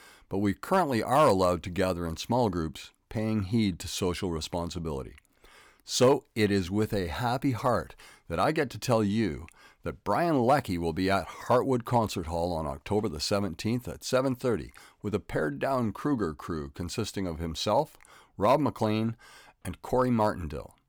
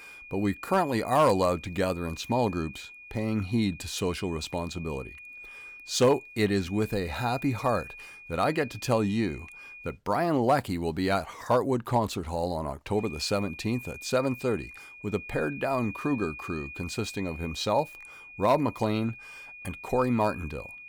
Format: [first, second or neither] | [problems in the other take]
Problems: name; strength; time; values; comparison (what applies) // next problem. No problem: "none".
first | high-pitched whine; noticeable; until 10 s and from 13 s on; 2.5 kHz, 15 dB below the speech